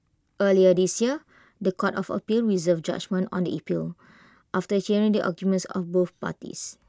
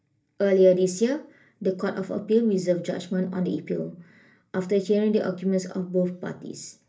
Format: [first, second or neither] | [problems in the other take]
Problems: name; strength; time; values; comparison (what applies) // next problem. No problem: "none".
first | room echo; dies away in 0.3 s